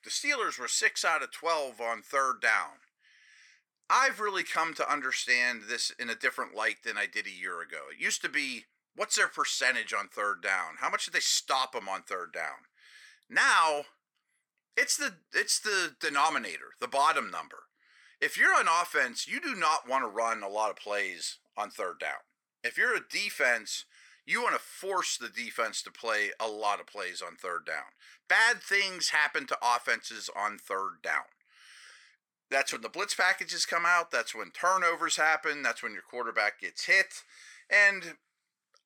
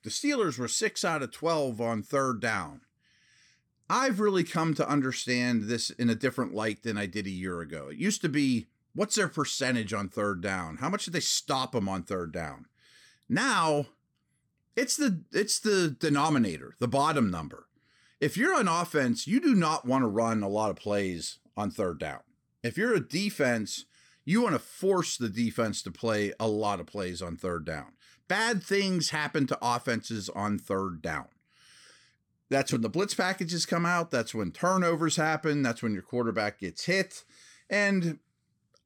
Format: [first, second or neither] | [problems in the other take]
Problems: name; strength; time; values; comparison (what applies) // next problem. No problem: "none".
second | thin; very; fading below 800 Hz